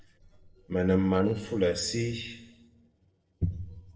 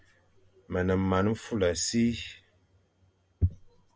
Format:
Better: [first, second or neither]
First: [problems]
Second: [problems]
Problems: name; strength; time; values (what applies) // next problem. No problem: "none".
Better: second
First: noise reduction (neural separator model SepFormer DNS4)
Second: none